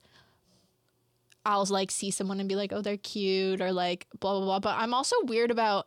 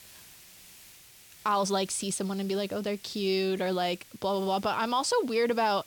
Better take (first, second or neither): first